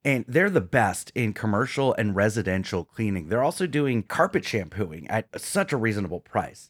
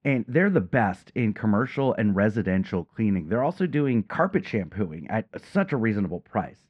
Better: first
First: none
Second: muffled; slightly; fading above 2.5 kHz

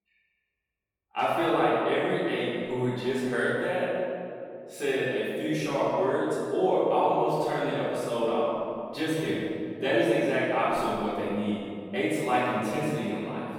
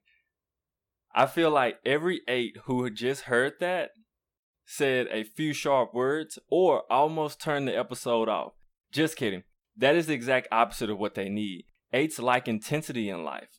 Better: second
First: off-mic speech; far // room echo; strong; dies away in 2.3 s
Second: none

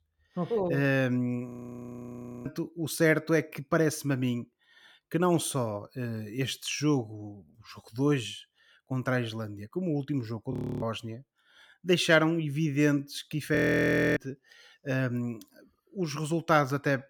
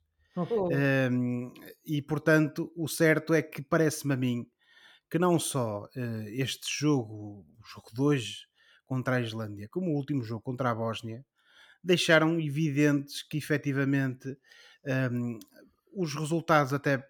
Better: second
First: audio freezing; at 1.5 s for 1 s, at 11 s and at 14 s for 0.5 s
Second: none

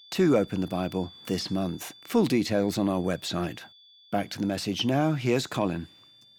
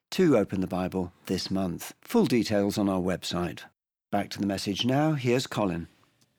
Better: second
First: high-pitched whine; faint; throughout; 3.5 kHz, 25 dB below the speech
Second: none

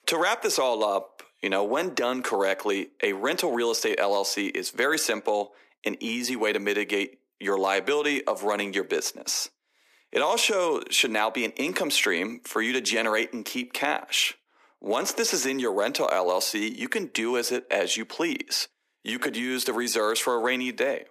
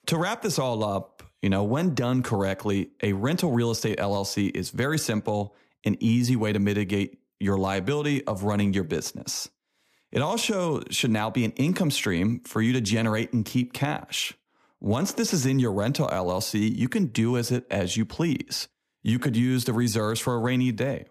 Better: second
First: thin; somewhat; fading below 350 Hz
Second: none

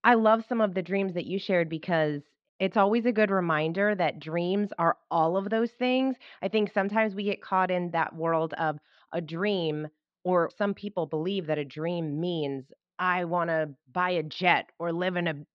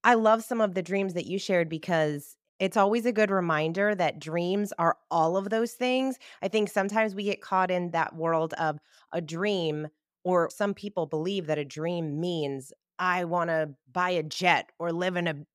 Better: second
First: muffled; very slightly; fading above 4 kHz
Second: none

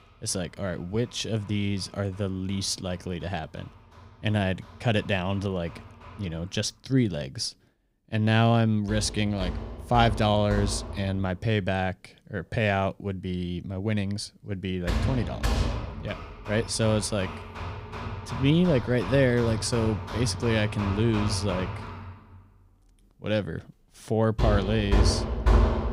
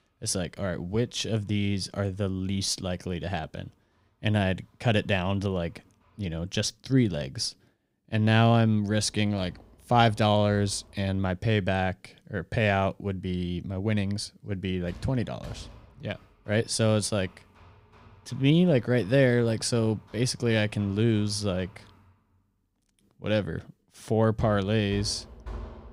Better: second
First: machinery noise; loud; throughout; 4 dB below the speech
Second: machinery noise; faint; throughout; 25 dB below the speech

